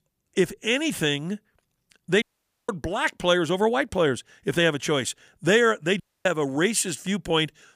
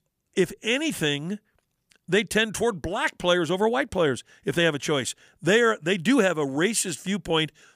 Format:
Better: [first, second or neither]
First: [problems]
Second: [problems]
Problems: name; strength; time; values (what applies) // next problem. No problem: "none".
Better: second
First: audio cutting out; at 2 s and at 6 s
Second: none